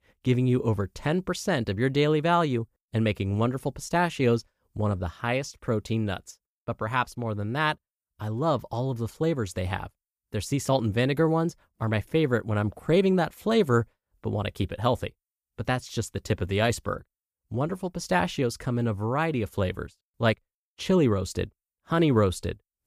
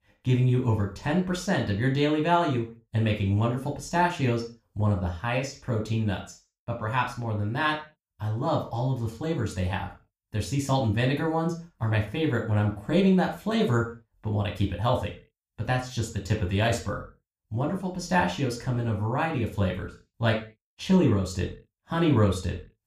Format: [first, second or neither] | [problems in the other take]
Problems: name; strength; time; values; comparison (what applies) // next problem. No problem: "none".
first | room echo; slight; dies away in 0.3 s // off-mic speech; somewhat distant